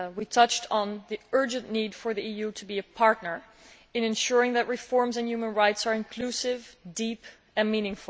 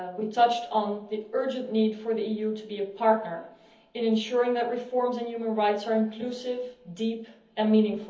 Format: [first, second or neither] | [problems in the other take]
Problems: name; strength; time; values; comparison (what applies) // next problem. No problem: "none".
first | room echo; dies away in 0.7 s